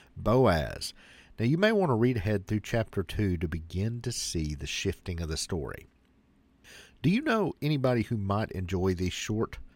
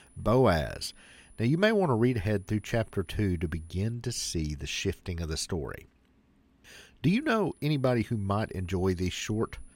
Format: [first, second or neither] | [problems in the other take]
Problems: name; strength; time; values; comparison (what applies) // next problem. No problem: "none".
first | high-pitched whine; faint; until 4 s and from 7 s on; 10 kHz, 30 dB below the speech